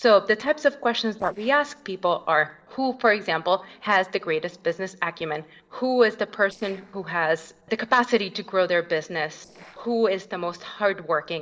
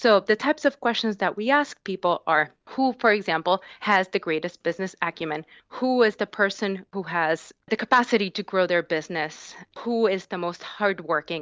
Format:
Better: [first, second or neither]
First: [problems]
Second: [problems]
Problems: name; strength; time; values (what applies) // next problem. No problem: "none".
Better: second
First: noise reduction (neural separator model SepFormer DNS4)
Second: none